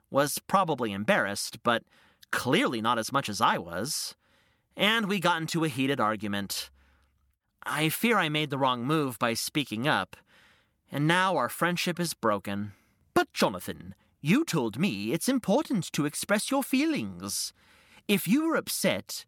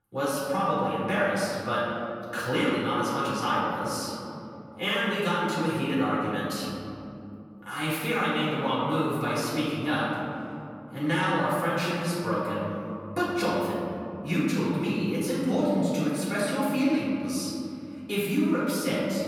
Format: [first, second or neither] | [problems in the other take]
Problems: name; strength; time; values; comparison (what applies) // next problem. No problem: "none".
first | room echo; strong; dies away in 2.9 s // off-mic speech; far